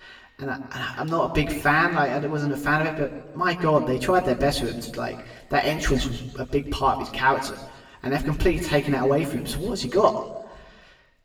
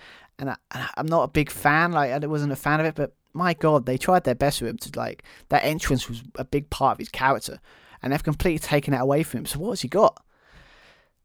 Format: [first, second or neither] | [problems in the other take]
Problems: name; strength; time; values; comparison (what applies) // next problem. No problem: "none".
second | room echo; slight; dies away in 1.1 s // off-mic speech; far